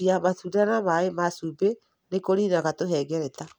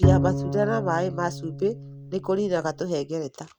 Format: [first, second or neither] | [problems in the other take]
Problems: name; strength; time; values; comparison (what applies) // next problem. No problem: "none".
first | background sound (Bowed string instrument); as loud as the speech